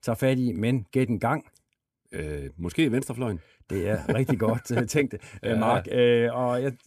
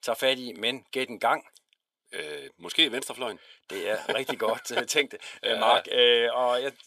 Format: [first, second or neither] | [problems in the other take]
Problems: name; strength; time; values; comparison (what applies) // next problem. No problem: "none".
first | thin; very; fading below 650 Hz